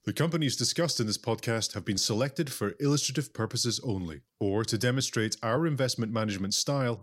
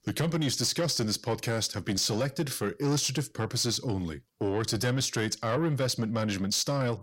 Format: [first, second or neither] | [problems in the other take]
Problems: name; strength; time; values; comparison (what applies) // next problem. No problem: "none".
first | distortion; slight; 10 dB below the speech